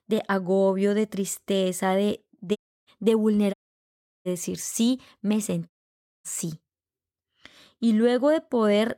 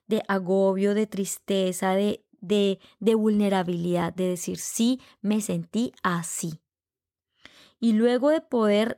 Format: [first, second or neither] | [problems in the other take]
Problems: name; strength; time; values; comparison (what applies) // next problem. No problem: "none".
second | audio cutting out; at 2.5 s, at 3.5 s for 0.5 s and at 5.5 s for 0.5 s